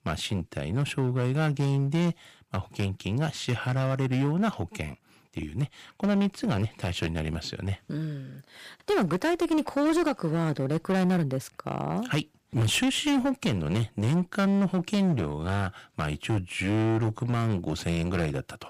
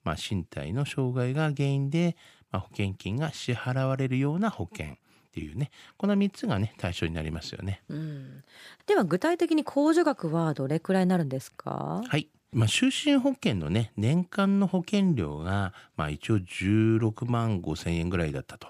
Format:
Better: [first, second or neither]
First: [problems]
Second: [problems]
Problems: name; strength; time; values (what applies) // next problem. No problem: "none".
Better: second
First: distortion; slight; 14% of the sound clipped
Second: none